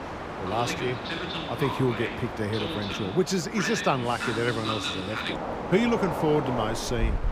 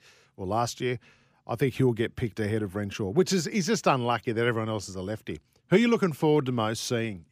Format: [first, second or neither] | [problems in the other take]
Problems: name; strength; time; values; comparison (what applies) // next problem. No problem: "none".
second | train or aircraft noise; loud; throughout; 3 dB below the speech